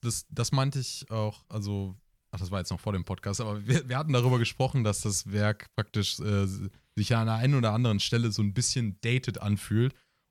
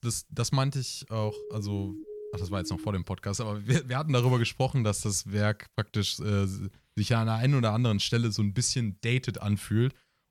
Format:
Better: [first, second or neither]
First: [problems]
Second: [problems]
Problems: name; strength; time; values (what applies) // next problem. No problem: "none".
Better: first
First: none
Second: siren; faint; from 1 to 3 s; peak 10 dB below the speech